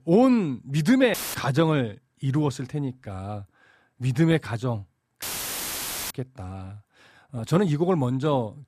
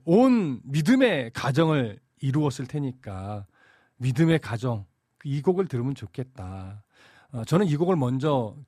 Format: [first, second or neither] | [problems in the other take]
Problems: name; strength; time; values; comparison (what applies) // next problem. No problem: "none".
second | audio cutting out; filled with static; at 1 s and at 5 s for 1 s